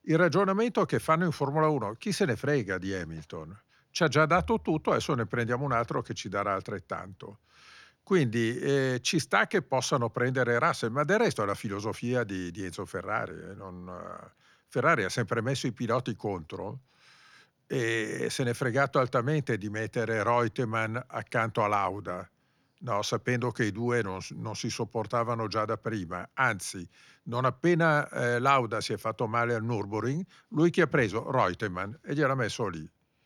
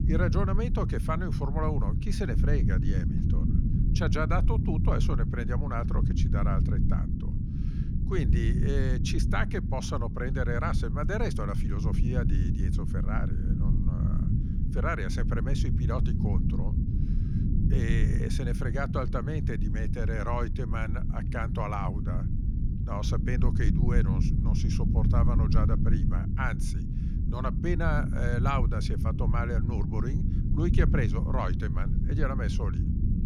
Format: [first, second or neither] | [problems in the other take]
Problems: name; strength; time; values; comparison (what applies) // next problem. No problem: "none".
first | low rumble; loud; throughout; 5 dB below the speech